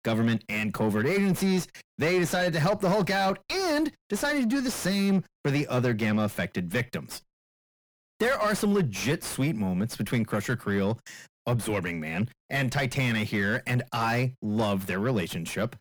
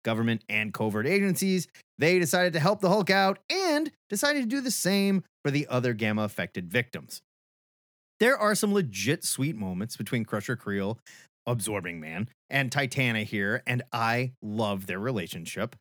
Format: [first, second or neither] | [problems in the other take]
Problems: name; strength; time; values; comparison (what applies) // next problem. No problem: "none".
second | distortion; heavy; 6 dB below the speech